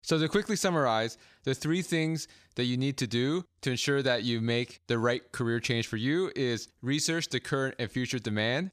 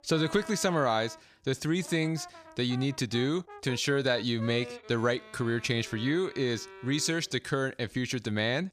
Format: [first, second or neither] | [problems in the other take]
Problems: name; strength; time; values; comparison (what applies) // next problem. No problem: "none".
first | background music; noticeable; throughout; 20 dB below the speech